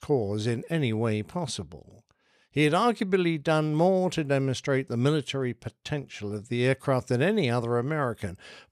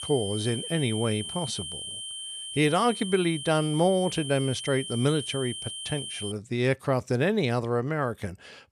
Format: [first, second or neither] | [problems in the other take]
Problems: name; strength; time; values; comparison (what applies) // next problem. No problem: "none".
first | high-pitched whine; loud; until 6.5 s; 3 kHz, 7 dB below the speech